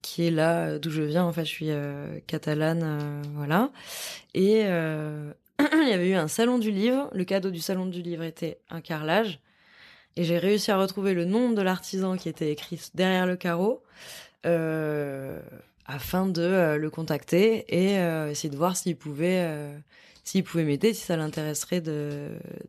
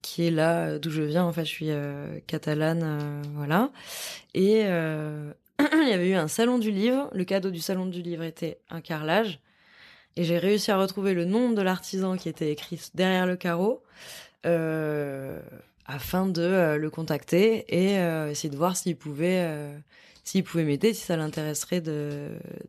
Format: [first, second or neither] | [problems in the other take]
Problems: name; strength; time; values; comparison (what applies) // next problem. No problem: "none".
neither | none